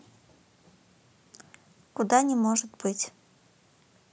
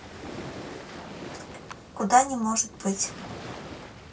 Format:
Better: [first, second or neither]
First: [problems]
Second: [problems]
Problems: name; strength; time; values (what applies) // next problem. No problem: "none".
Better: first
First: none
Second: background sound (Waves, surf); 11 dB below the speech // room echo; dies away in 0.2 s